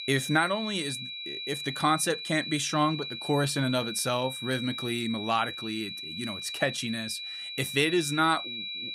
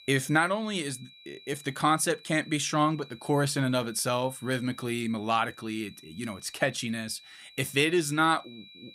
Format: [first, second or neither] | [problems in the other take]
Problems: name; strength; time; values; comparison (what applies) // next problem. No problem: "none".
second | high-pitched whine; loud; throughout; 4 kHz, 6 dB below the speech; faint in the second